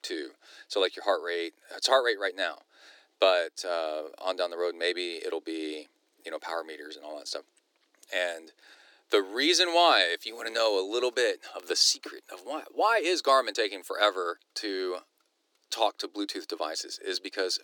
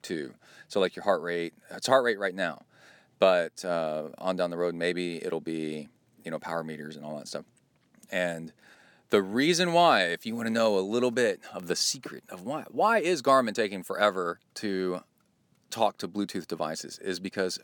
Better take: second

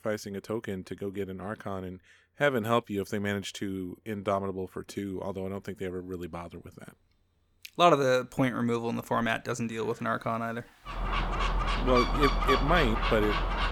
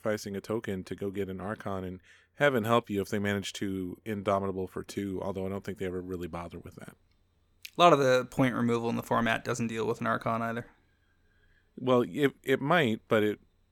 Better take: second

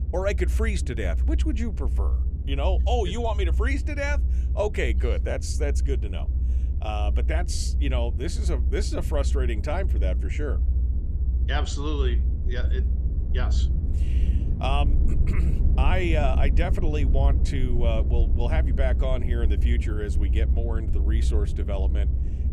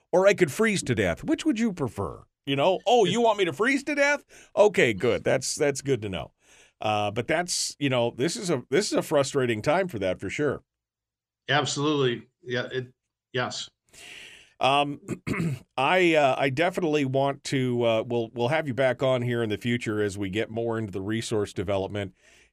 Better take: second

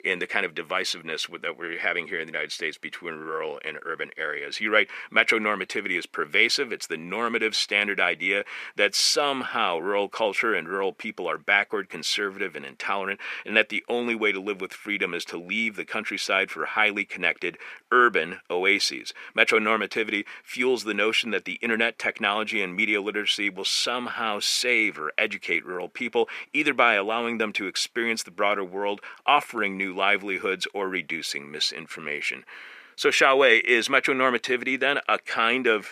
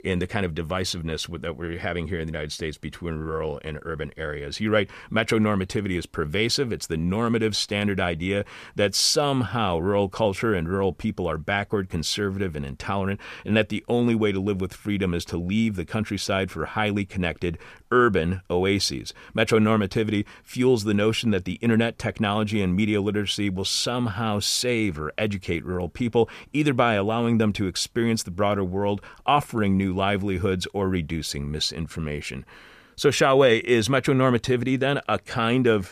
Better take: second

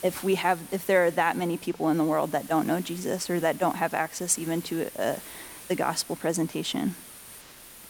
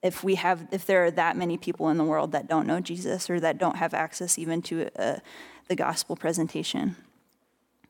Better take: second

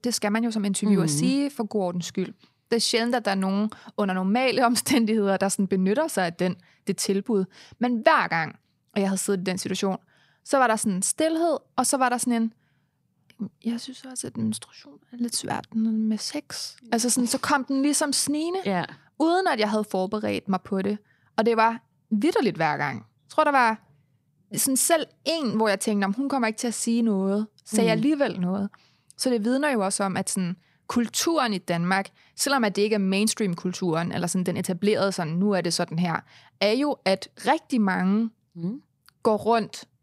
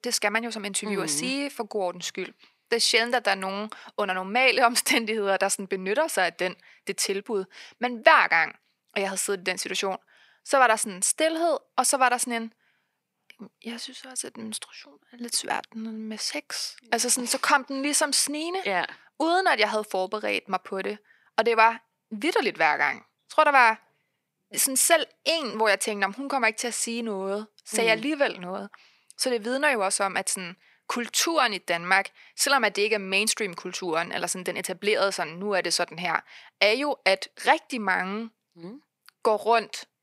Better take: first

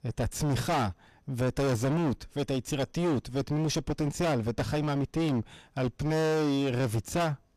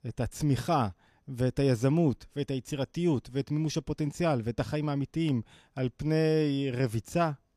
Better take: second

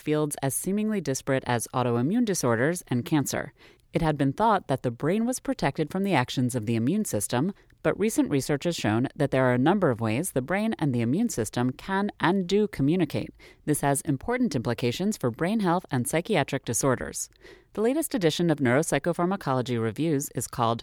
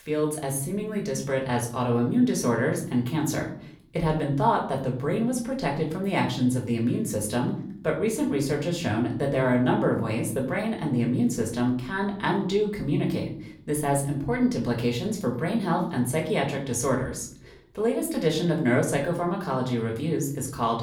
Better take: first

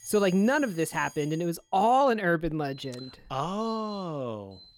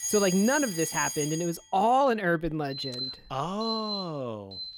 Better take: first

